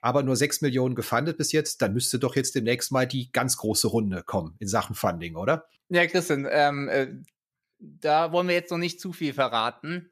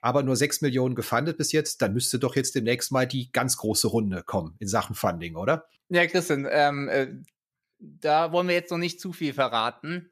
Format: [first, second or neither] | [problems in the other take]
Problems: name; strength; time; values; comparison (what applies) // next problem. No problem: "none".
neither | none